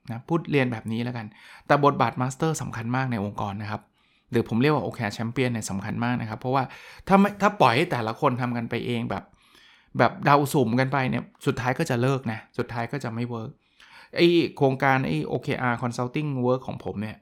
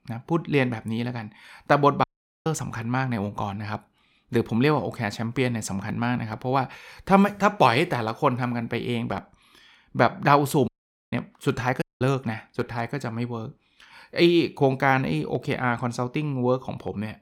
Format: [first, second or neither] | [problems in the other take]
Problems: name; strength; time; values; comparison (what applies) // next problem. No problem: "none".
first | audio cutting out; at 2 s, at 11 s and at 12 s